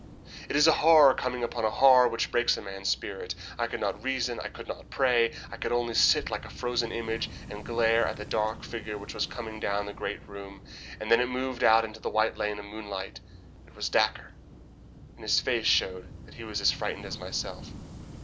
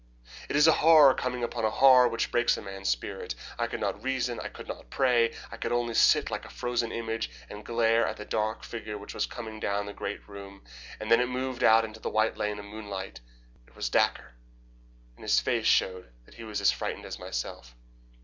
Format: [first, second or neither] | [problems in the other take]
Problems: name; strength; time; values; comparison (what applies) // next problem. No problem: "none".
second | background sound (Waves, surf / Wind); 17 dB below the speech